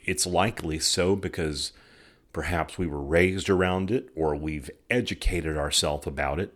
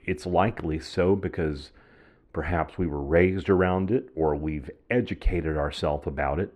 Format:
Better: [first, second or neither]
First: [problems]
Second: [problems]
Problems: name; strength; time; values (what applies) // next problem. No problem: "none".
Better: first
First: none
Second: muffled; very; fading above 3.5 kHz